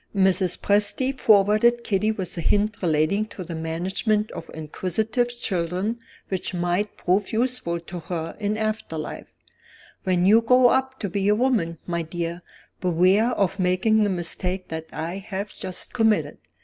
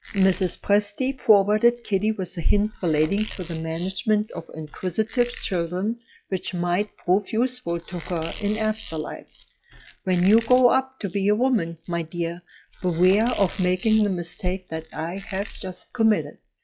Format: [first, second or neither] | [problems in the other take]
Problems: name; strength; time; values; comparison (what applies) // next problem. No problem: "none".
first | noise reduction (classical method log-MMSE)